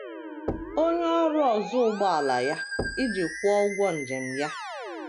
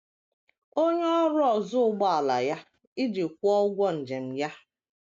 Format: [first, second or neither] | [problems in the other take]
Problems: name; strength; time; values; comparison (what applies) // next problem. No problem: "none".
second | background sound (Musical instrument + Knock); 9 dB below the speech